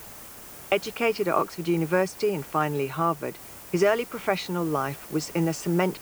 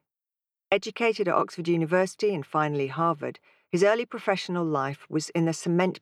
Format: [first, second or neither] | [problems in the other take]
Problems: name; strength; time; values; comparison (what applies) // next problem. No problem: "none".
second | hiss; noticeable; throughout; 15 dB below the speech